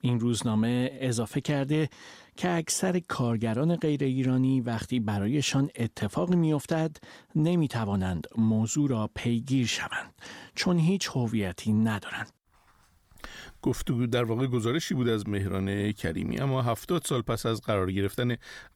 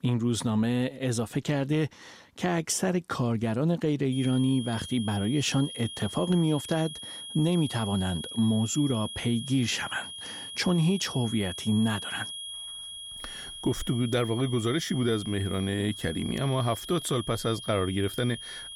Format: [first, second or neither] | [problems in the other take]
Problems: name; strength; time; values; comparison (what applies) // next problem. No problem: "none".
first | high-pitched whine; loud; from 4 s on; 3.5 kHz, 9 dB below the speech